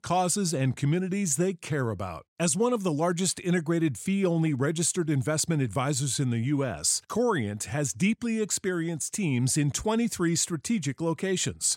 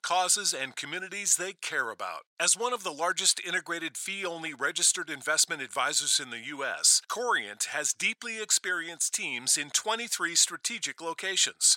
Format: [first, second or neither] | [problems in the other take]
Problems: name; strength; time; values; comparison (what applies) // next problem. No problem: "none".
first | thin; very; fading below 800 Hz